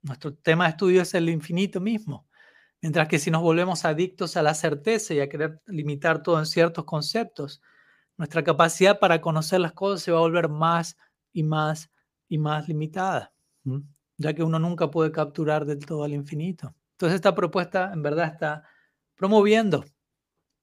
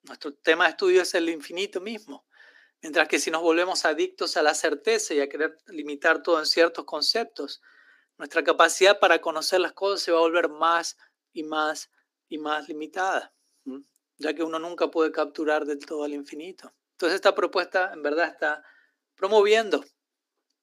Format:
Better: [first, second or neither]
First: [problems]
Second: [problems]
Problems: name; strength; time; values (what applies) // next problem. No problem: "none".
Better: first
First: none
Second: thin; somewhat; fading below 250 Hz